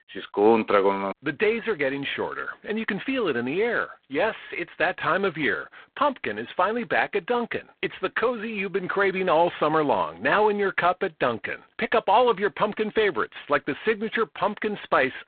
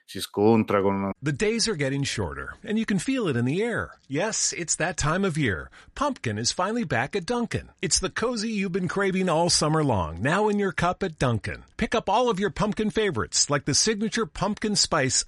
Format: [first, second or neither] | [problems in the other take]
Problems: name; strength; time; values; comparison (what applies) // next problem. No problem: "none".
second | phone-call audio; poor line; nothing above 4 kHz